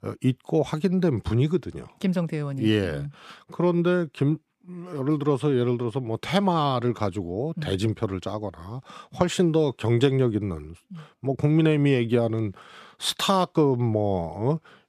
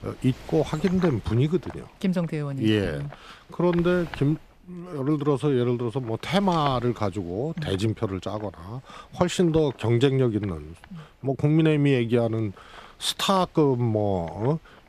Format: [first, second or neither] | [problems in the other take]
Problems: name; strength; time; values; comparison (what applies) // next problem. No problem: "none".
first | wind noise on the microphone; occasional gusts; 15 dB below the speech